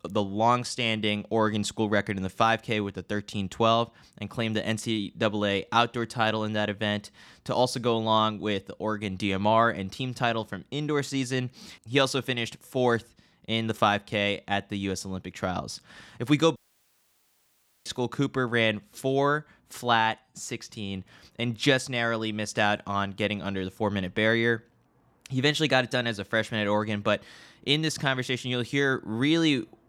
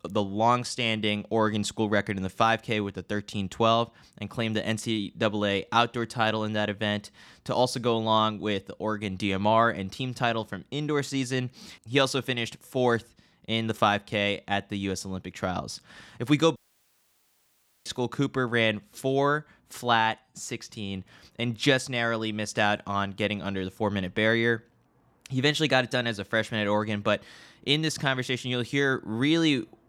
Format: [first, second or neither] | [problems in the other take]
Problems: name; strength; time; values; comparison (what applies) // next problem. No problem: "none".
neither | audio cutting out; at 17 s for 1.5 s; the same in both